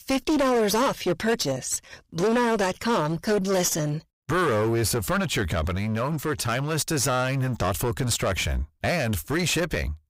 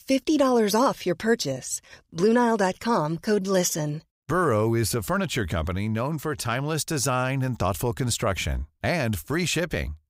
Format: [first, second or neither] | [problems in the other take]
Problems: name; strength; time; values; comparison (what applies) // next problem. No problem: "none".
second | distortion; heavy; 18% of the sound clipped